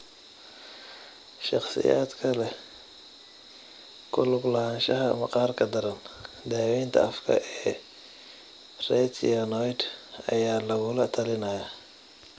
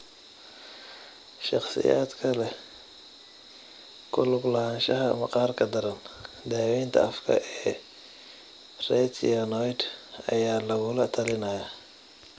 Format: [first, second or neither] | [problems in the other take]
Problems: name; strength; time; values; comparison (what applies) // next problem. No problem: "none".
first | background sound (Finger snapping); 17 dB below the speech